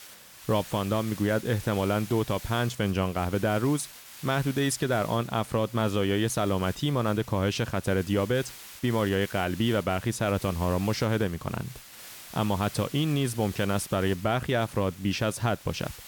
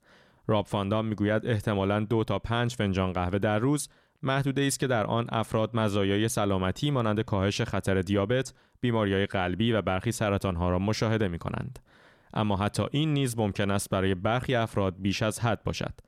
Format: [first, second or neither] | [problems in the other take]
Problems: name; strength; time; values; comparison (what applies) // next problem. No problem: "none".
second | hiss; noticeable; throughout; 15 dB below the speech